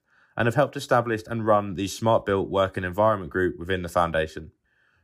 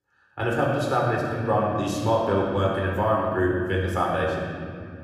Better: first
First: none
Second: off-mic speech; far // room echo; noticeable; dies away in 2.7 s

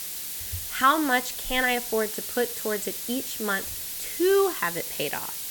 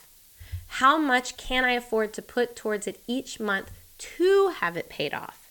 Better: second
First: hiss; loud; throughout; 5 dB below the speech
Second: hiss; faint; throughout; 25 dB below the speech

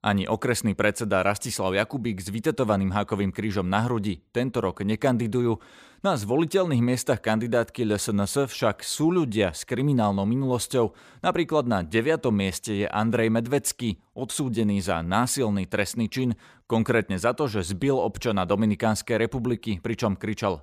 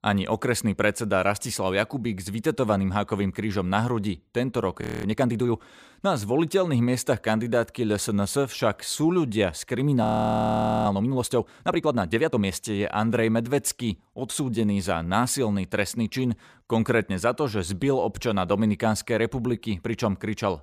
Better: first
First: none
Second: audio freezing; at 5 s and at 10 s for 1 s

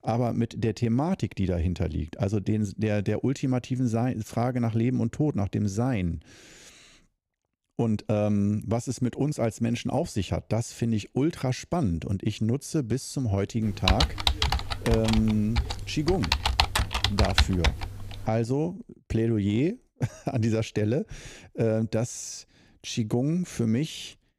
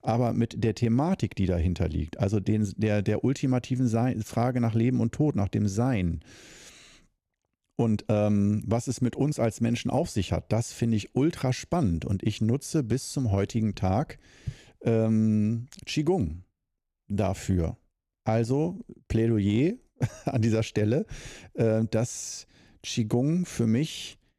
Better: second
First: keyboard typing; loud; from 14 to 18 s; peak 4 dB above the speech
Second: none

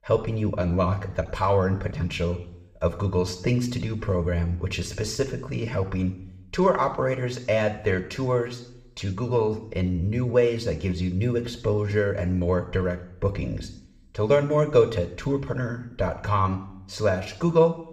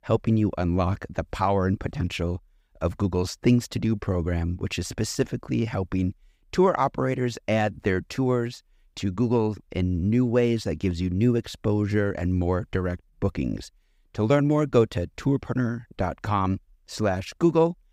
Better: second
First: room echo; very slight; dies away in 0.6 s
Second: none

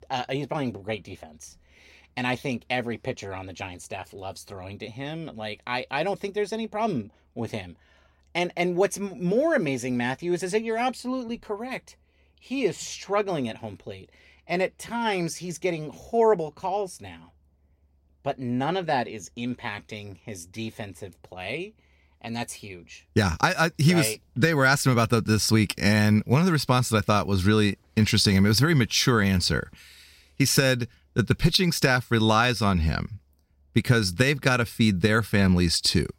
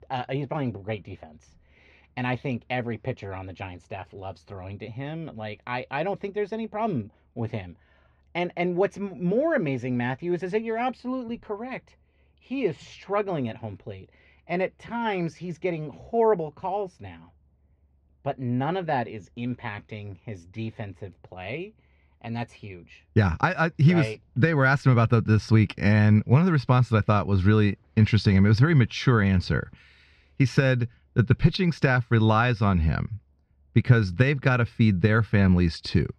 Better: first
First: none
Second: muffled; slightly; fading above 2.5 kHz

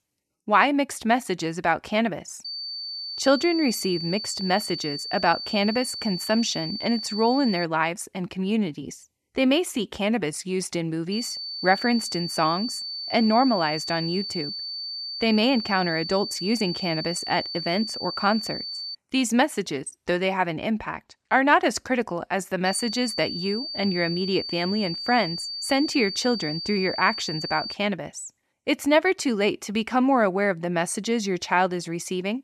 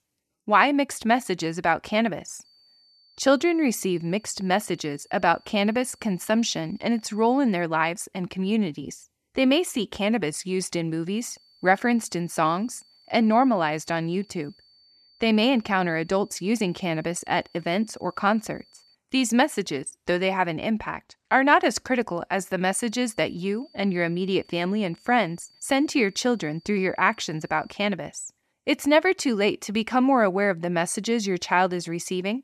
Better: second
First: high-pitched whine; loud; from 2.5 to 7.5 s, from 11 to 19 s and from 23 to 28 s; 4.5 kHz, 6 dB below the speech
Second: high-pitched whine; faint; from 2.5 to 7.5 s, from 11 to 19 s and from 23 to 28 s; 4.5 kHz, 30 dB below the speech

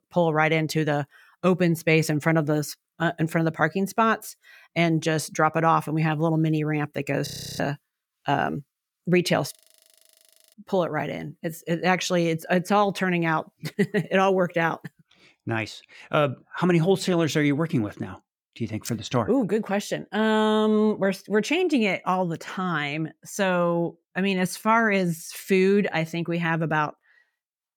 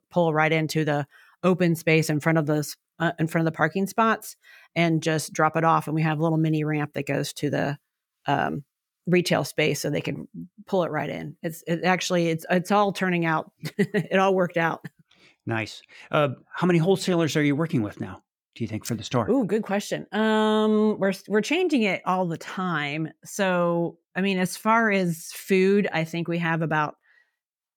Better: second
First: audio freezing; at 7.5 s and at 9.5 s for 1 s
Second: none

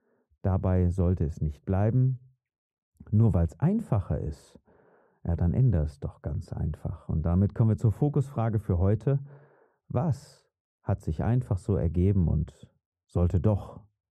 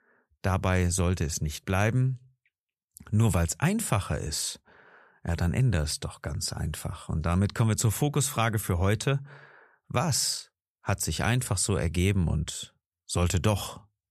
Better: second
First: muffled; very; fading above 1.5 kHz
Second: none

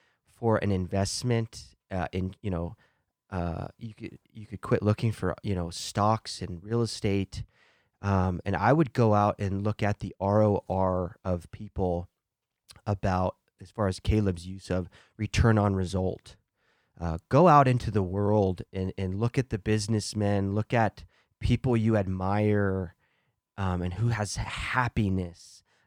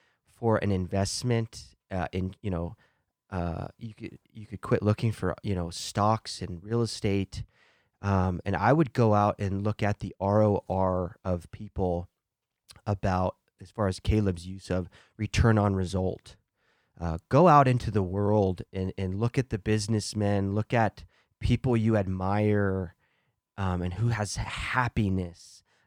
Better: neither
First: none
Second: none

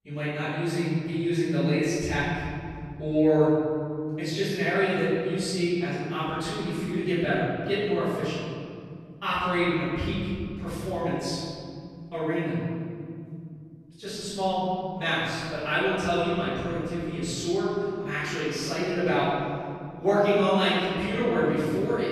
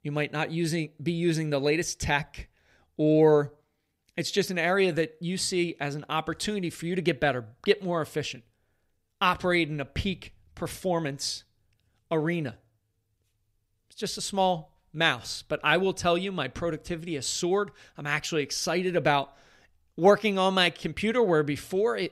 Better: second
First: off-mic speech; far // room echo; strong; dies away in 2.7 s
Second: none

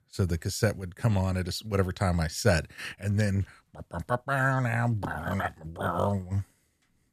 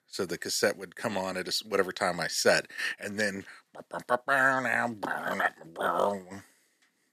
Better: first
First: none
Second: thin; somewhat; fading below 300 Hz

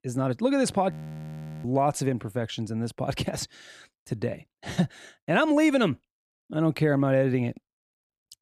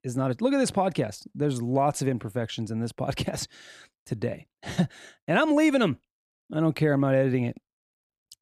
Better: second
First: audio freezing; at 1 s for 0.5 s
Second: none

